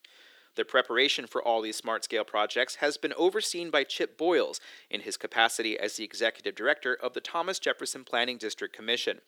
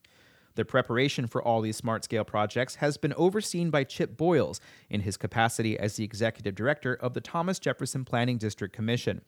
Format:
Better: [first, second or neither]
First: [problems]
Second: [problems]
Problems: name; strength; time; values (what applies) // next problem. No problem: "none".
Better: second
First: thin; very; fading below 350 Hz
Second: none